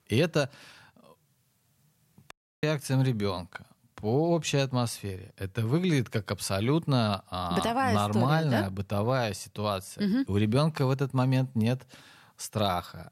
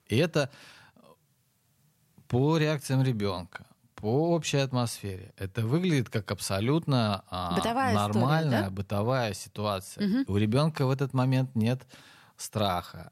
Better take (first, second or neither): second